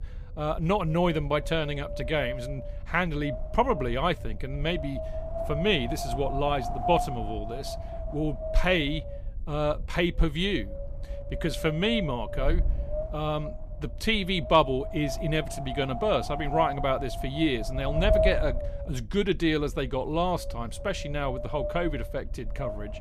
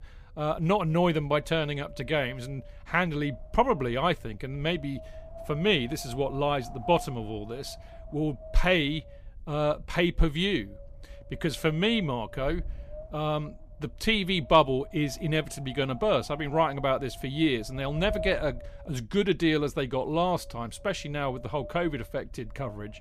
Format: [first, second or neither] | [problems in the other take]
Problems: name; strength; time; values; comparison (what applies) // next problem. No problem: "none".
second | wind noise on the microphone; heavy; 6 dB below the speech; occasional gusts in the second